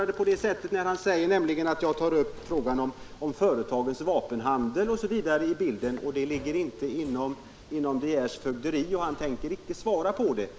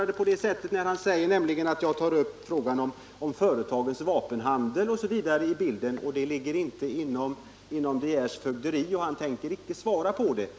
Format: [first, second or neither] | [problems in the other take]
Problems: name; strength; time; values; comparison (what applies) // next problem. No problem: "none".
second | background sound (Subway, metro, underground); 18 dB below the speech